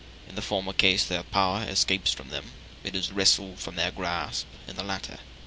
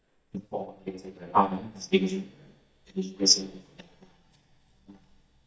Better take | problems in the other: first | noise reduction (neural mask model DeepFilterNet 3)

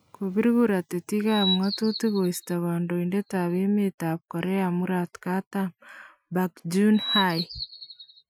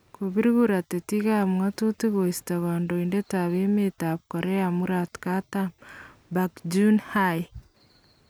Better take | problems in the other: second | noise reduction (classical method Wiener filter)

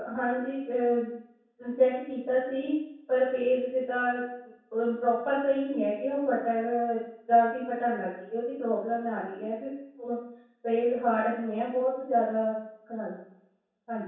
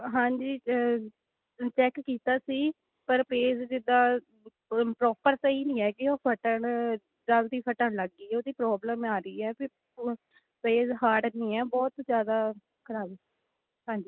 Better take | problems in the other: second | room echo; dies away in 0.7 s

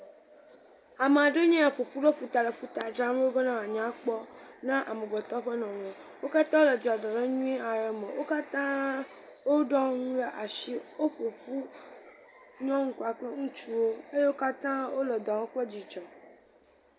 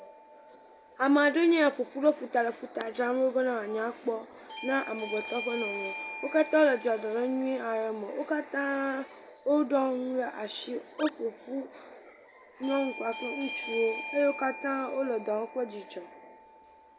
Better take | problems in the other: first | background sound (Animal + Bell / Doorbell); 14 dB below the speech

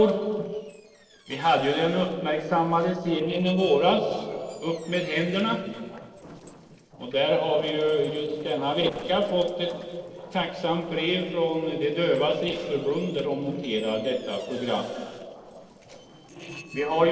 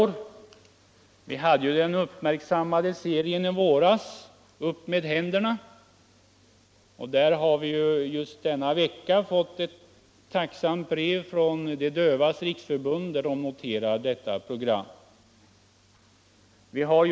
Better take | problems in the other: second | noise reduction (neural separator model SepFormer DNS4)

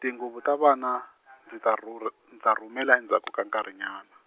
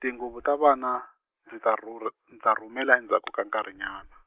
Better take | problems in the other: first | noise reduction (neural mask model Resemble Enhance denoiser)

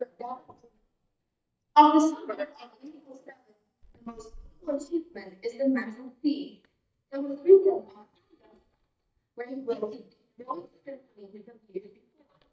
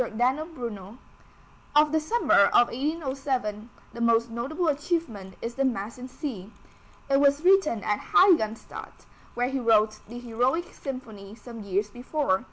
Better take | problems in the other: second | noise reduction (neural mask model DeepFilterNet 3)

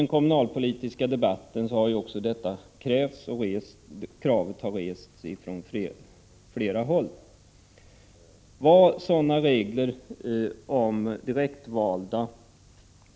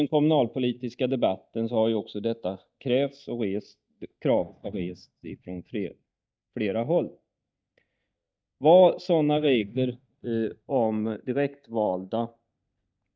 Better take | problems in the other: first | noise reduction (neural mask model DeepFilterNet 3)

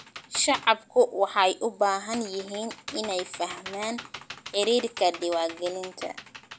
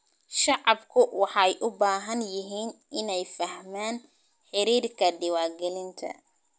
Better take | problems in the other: second | background sound (Computer keyboard); 16 dB below the speech

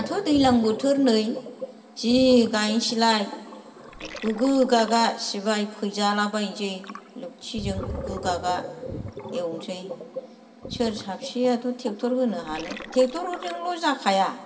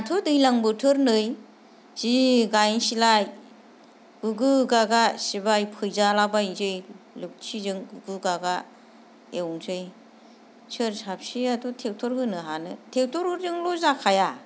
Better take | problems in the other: second | background sound (Gurgling); 14 dB below the speech // room echo; dies away in 1.4 s

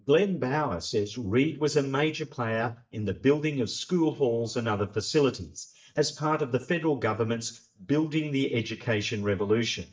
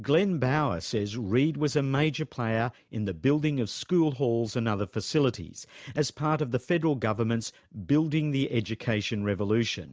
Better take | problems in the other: second | noise reduction (neural mask model DeepFilterNet 3)

